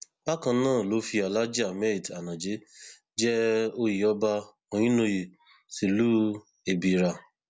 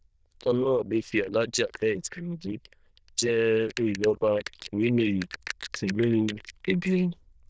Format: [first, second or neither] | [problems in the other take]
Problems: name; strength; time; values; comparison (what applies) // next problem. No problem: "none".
first | noise reduction (neural diffusion model UNIVERSE++)